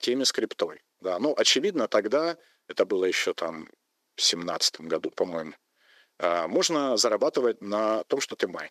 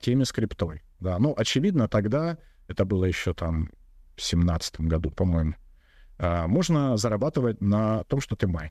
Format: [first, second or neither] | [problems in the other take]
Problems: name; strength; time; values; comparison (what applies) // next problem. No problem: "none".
second | thin; somewhat; fading below 350 Hz